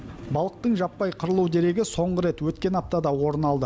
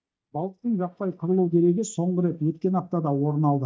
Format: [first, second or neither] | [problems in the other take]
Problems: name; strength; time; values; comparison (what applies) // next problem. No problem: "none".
first | noise reduction (neural mask model DeepFilterNet 3)